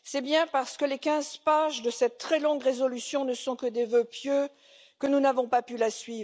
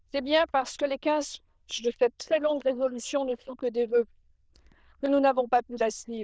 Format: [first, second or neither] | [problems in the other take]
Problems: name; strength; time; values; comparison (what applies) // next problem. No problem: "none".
first | noise reduction (neural diffusion model UNIVERSE++)